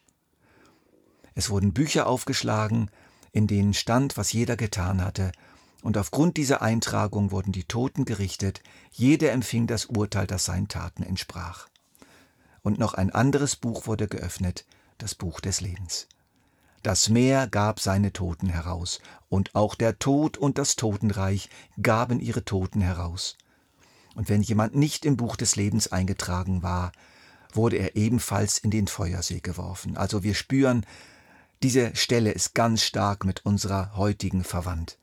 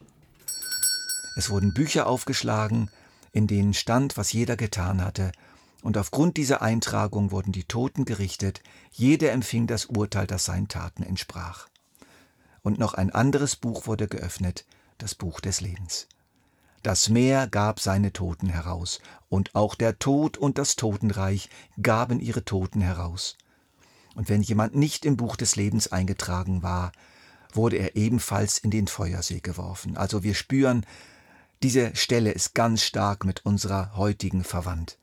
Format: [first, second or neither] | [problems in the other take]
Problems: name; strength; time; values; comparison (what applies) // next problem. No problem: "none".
first | doorbell; loud; at 0.5 s; peak 2 dB above the speech